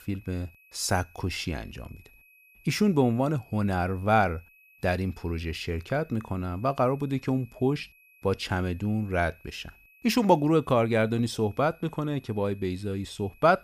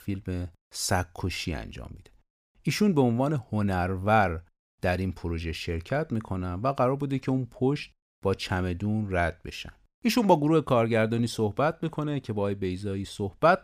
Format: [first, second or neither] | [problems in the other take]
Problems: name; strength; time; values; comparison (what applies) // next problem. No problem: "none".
second | high-pitched whine; faint; throughout; 2.5 kHz, 30 dB below the speech